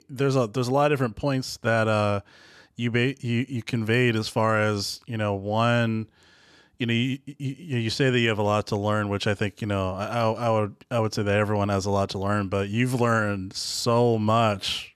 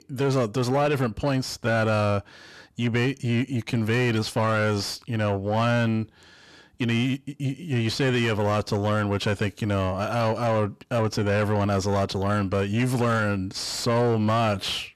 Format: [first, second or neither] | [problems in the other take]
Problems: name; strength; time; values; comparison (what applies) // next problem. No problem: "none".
first | distortion; slight; 10 dB below the speech